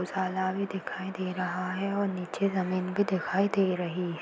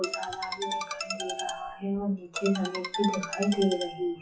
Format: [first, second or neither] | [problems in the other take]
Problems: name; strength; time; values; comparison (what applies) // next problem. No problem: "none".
first | noise reduction (classical method WPE with log-MMSE)